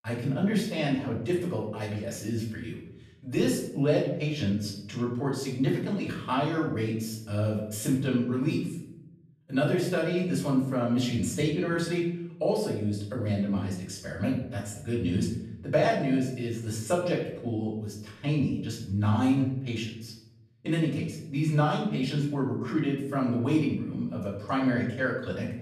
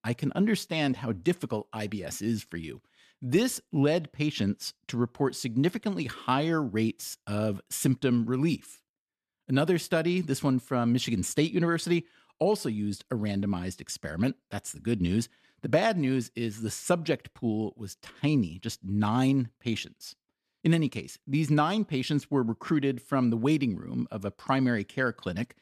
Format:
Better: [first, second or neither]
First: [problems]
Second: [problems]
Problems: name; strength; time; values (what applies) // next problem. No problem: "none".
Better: second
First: off-mic speech; far // room echo; noticeable; dies away in 0.8 s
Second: none